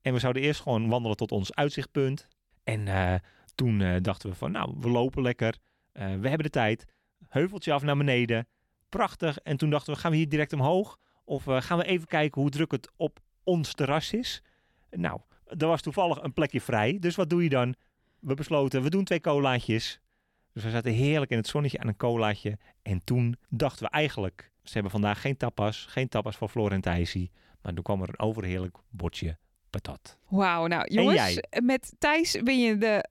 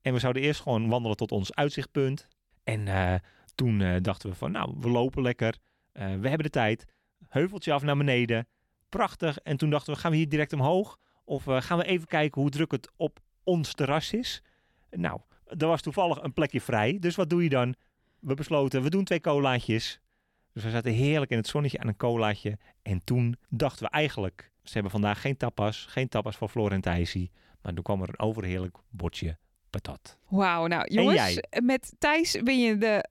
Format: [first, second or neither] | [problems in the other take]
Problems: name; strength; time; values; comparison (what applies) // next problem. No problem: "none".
neither | none